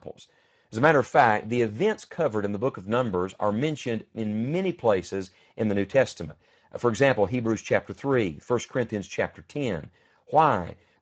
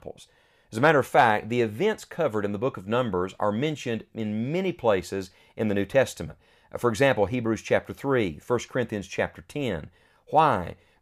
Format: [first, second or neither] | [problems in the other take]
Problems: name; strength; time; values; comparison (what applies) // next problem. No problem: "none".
second | garbled, watery; badly; nothing above 7.5 kHz